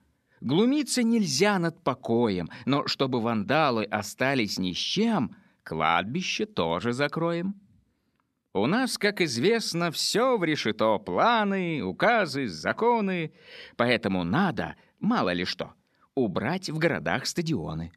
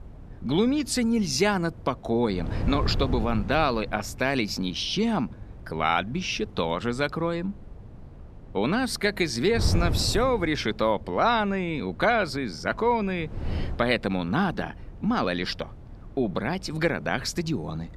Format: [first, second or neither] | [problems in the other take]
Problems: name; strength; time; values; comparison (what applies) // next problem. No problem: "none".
first | wind noise on the microphone; occasional gusts; 20 dB below the speech